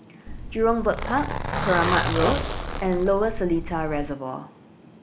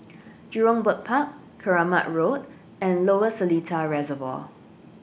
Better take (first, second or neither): second